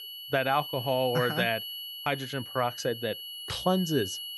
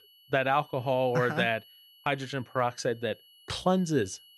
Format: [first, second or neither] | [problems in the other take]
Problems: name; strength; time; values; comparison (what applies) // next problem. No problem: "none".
second | high-pitched whine; loud; throughout; 3 kHz, 7 dB below the speech; faint in the second